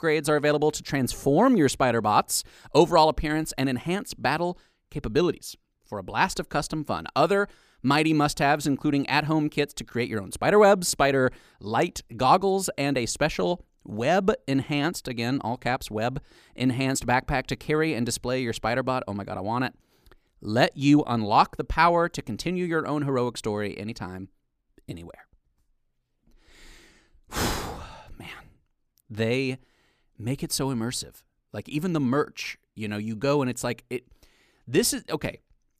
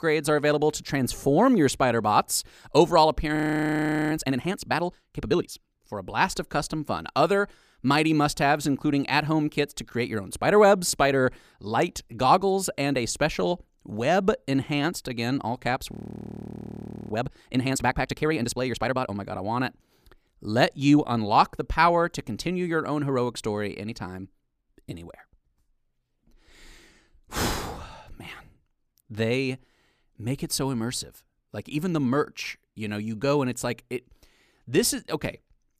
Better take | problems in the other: first | audio freezing; at 3.5 s for 1 s and at 16 s for 1 s

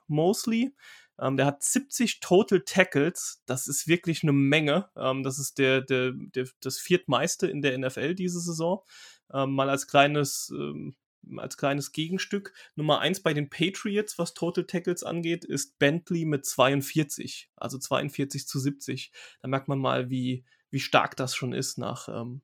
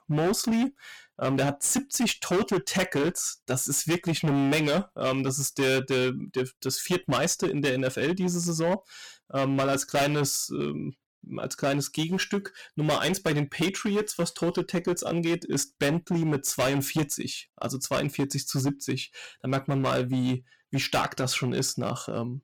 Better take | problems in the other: first | distortion; heavy; 13% of the sound clipped

